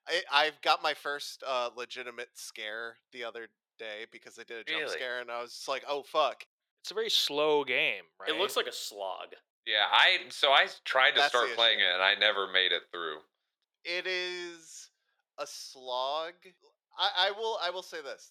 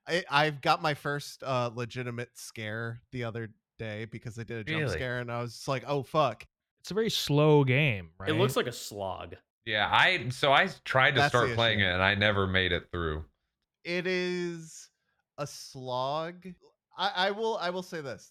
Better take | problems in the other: second | thin; very; fading below 450 Hz

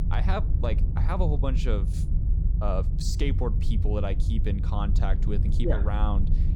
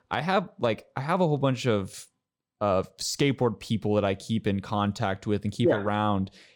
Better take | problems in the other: second | low rumble; loud; throughout; 9 dB below the speech

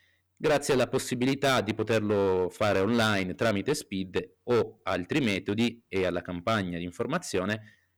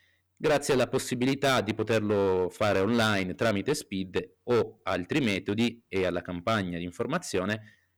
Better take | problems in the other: neither | distortion; heavy; 10% of the sound clipped; the same in both

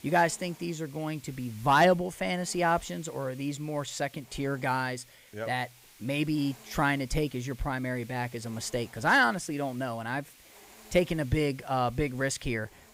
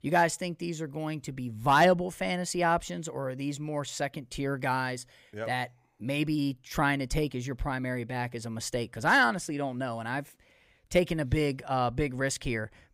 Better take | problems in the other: second | hiss; faint; throughout; 25 dB below the speech

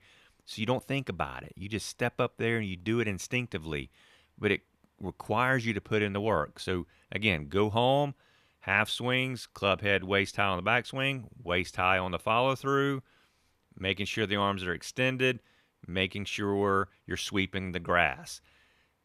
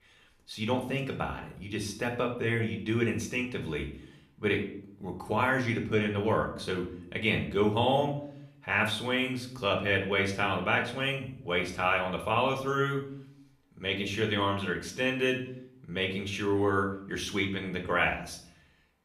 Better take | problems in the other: first | room echo; slight; dies away in 0.5 s // off-mic speech; somewhat distant

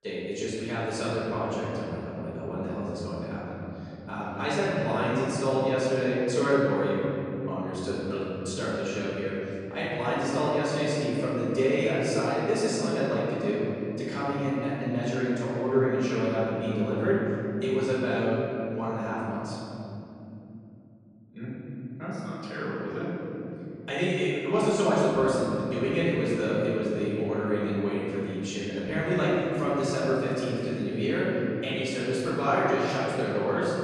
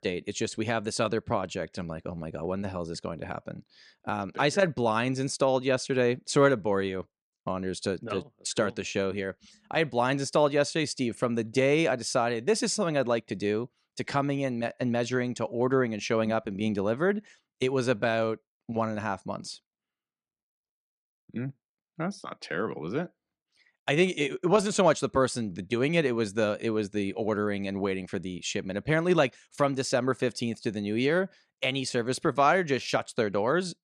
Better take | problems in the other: second | off-mic speech; far // room echo; strong; dies away in 3 s

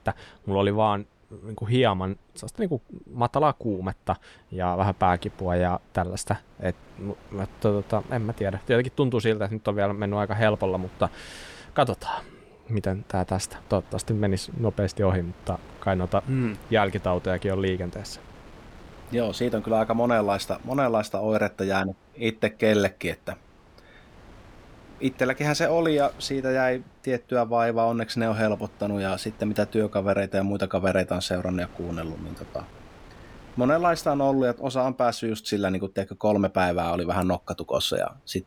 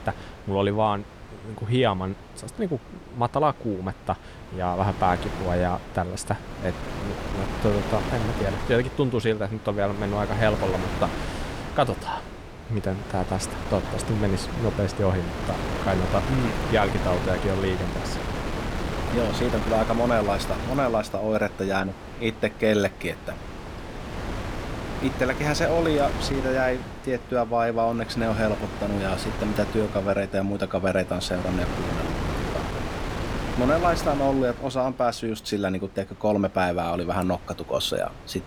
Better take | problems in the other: first | wind noise on the microphone; heavy; 7 dB below the speech; occasional gusts in the first

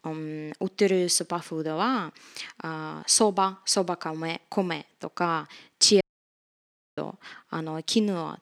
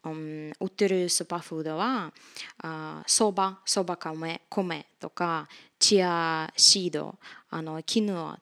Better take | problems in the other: second | audio cutting out; at 6 s for 1 s

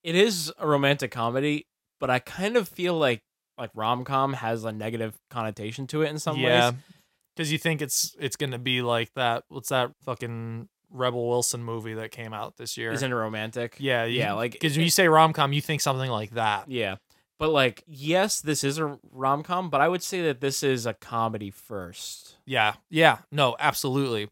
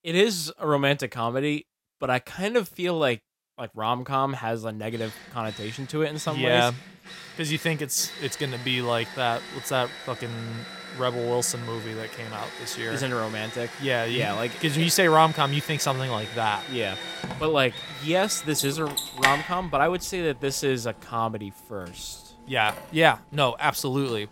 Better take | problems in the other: first | machinery noise; loud; from 5 s on; 9 dB below the speech

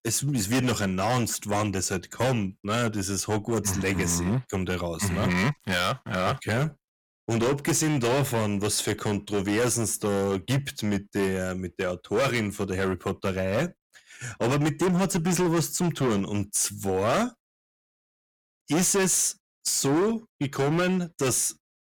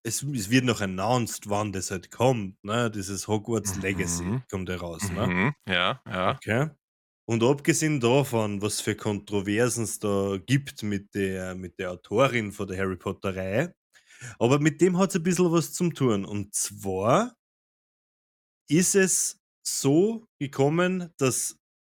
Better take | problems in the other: second | distortion; heavy; 14% of the sound clipped

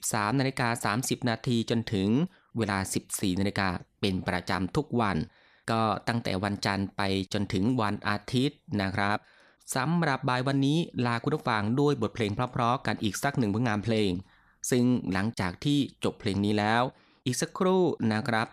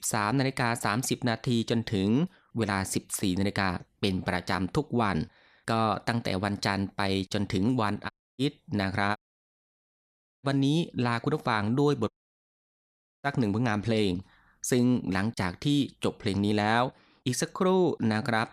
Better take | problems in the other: first | audio cutting out; at 8 s, at 9 s for 1.5 s and at 12 s for 1 s

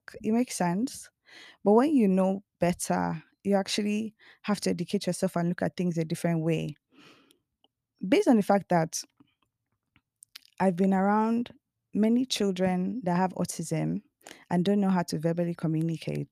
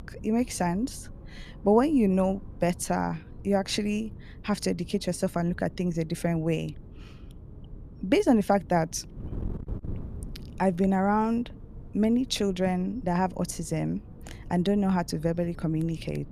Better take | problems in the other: first | wind noise on the microphone; occasional gusts; 25 dB below the speech

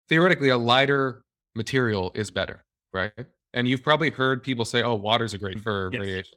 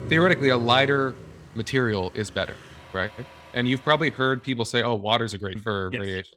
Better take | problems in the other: first | traffic noise; noticeable; until 4 s; 15 dB below the speech

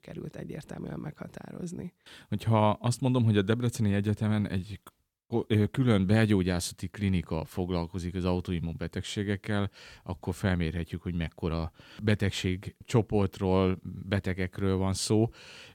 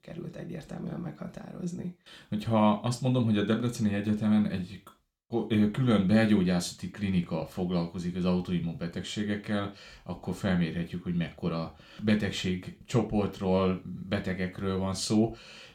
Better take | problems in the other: first | room echo; very slight; dies away in 0.3 s

